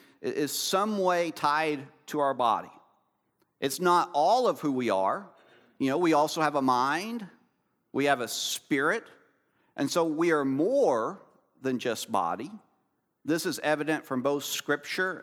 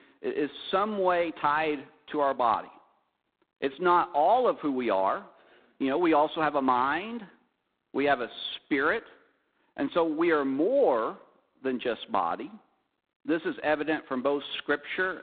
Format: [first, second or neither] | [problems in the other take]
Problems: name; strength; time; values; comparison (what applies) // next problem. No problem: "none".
first | phone-call audio; poor line; nothing above 3.5 kHz